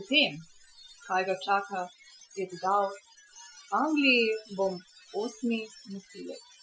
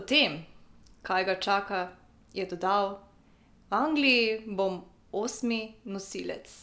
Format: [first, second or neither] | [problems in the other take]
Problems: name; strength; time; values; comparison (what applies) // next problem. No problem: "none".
second | noise reduction (classical method Wiener filter)